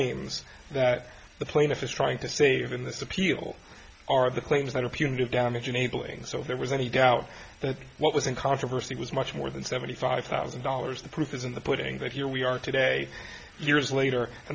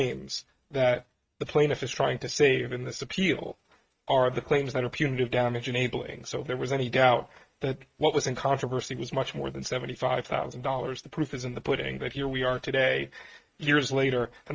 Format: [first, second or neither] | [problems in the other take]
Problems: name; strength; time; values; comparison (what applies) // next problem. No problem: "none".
first | noise reduction (neural mask model RNNoise)